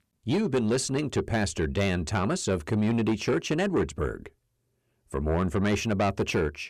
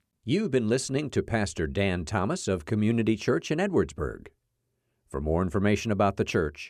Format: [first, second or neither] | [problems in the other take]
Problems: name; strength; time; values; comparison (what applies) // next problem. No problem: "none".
second | distortion; slight; 10 dB below the speech